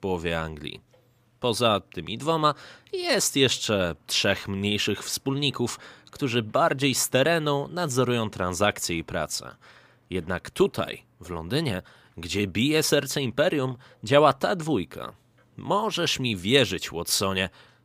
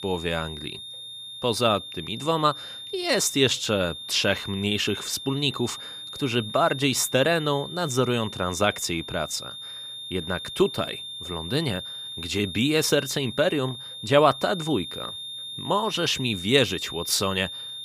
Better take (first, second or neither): first